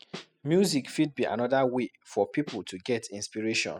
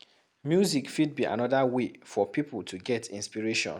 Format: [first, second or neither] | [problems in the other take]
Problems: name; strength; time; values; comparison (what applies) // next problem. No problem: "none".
second | noise reduction (classical method spectral subtraction)